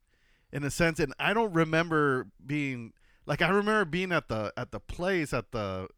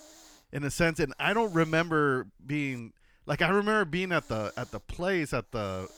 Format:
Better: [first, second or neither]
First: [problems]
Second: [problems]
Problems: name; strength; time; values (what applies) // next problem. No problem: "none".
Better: first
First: none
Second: hiss; faint; until 3 s and from 4 s on; 25 dB below the speech